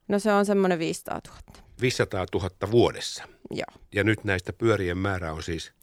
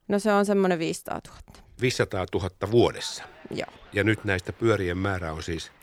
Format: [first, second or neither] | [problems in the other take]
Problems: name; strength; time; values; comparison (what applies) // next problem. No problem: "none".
first | crowd noise; faint; from 3 s on; 25 dB below the speech